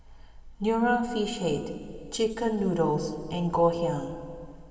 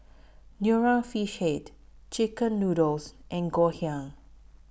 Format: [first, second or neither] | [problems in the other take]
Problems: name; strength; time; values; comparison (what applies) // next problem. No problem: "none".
second | room echo; dies away in 2.6 s